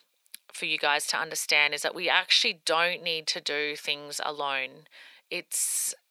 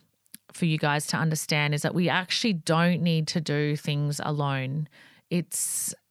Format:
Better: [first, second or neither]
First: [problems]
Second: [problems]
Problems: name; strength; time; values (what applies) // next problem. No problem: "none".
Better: second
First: thin; very; fading below 450 Hz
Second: none